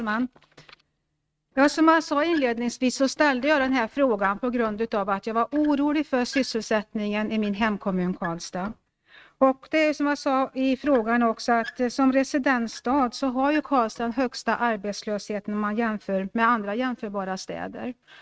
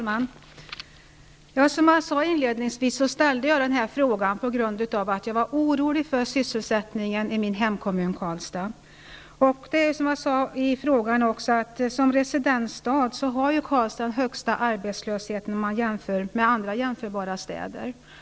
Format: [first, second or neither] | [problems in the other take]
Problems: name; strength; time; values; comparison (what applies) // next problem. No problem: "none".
second | noise reduction (neural mask model RNNoise)